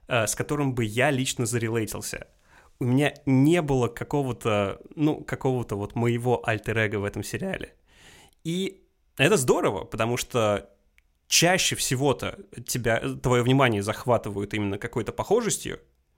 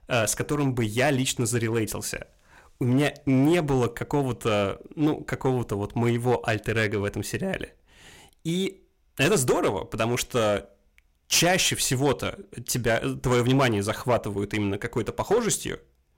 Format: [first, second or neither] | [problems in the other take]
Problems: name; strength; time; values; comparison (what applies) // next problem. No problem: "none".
first | distortion; slight; 6% of the sound clipped